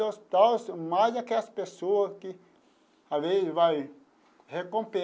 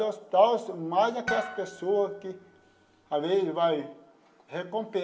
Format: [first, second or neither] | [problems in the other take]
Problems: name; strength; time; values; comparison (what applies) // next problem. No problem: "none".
first | background sound (Harp); 11 dB below the speech // room echo; dies away in 0.6 s